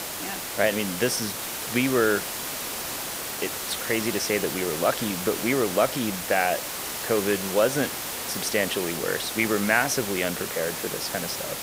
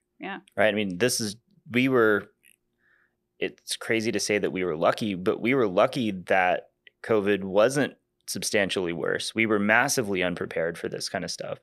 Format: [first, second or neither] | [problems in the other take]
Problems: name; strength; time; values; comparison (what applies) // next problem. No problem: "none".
second | hiss; loud; throughout; 4 dB below the speech